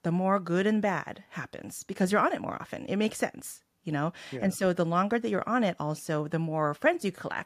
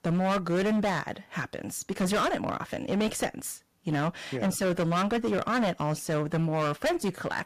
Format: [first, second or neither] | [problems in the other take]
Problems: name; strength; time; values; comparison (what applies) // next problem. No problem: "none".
first | distortion; heavy; 19% of the sound clipped